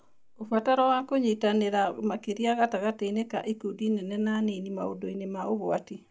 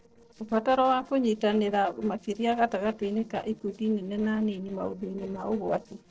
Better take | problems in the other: first | noise reduction (neural separator model SepFormer DNS4)

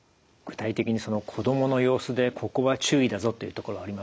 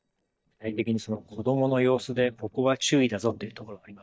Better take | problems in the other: first | noise reduction (neural mask model DeepFilterNet 3)

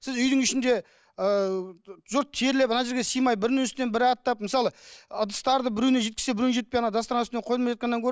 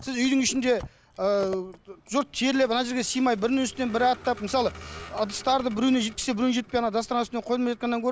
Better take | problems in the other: first | background sound (Vehicle); 20 dB below the speech

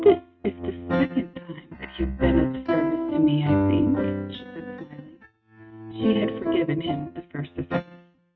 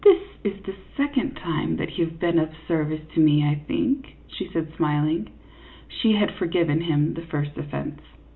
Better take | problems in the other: second | noise reduction (neural mask model RNNoise)

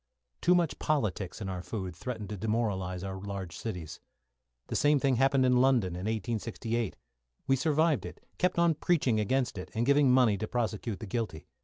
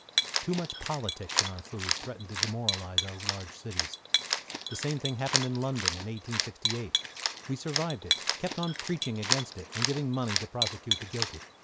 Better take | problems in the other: first | background sound (Cat); 2 dB above the speech

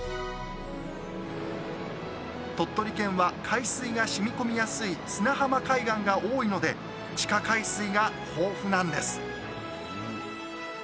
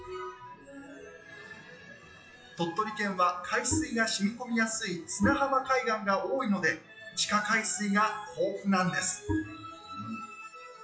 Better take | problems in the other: first | noise reduction (classical method WPE with log-MMSE)

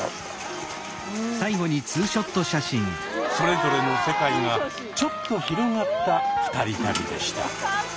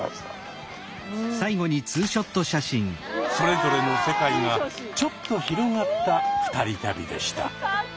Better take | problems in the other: second | background sound (Toilet flush + Trumpet); 9 dB below the speech

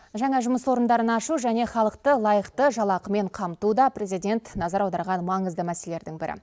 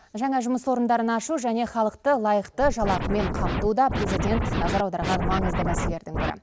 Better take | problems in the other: first | background sound (Scratching (performance technique)); 1 dB below the speech

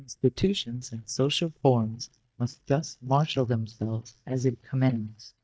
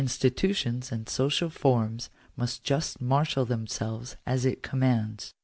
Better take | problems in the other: second | noise reduction (neural mask model DeepFilterNet 3)

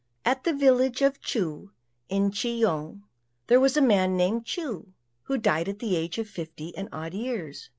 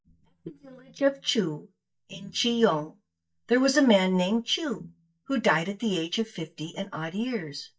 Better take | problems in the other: first | noise reduction (neural mask model DeepFilterNet 3)

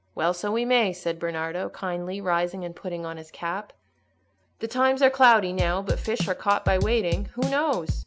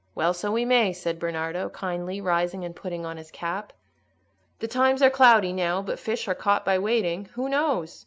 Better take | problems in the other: second | background sound (Drum / Drum kit); 4 dB below the speech

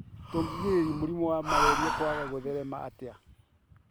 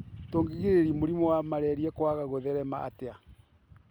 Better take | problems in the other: second | background sound (Breathing); 2 dB below the speech

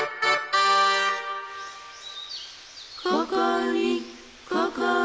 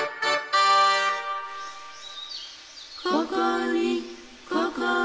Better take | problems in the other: first | room echo; dies away in 1.8 s

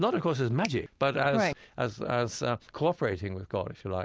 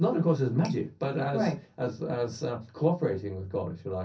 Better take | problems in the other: first | room echo; dies away in 0.3 s

